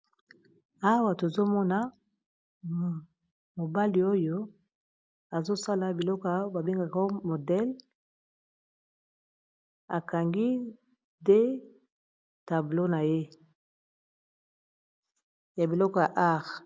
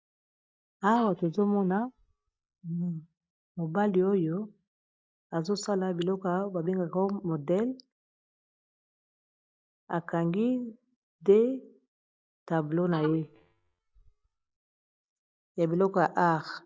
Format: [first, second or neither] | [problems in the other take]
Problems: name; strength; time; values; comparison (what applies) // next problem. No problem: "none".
first | noise reduction (neural mask model DeepFilterNet 3)